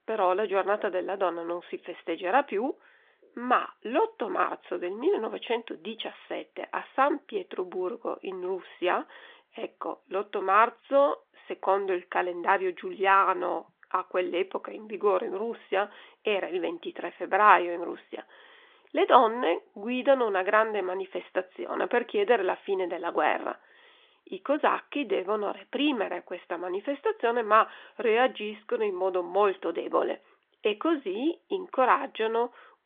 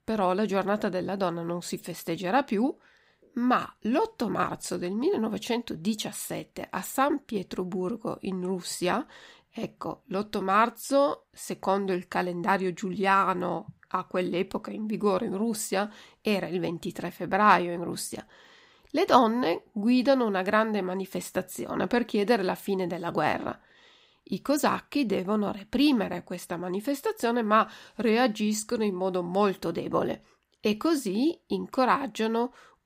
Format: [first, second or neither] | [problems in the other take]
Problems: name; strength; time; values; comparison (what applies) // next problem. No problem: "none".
second | phone-call audio; nothing above 3.5 kHz